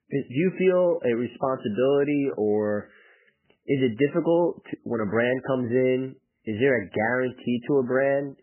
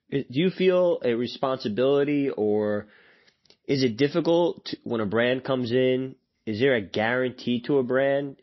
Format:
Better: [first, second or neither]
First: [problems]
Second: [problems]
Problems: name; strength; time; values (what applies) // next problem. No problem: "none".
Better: second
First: garbled, watery; badly; nothing above 3 kHz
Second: garbled, watery; slightly; nothing above 5.5 kHz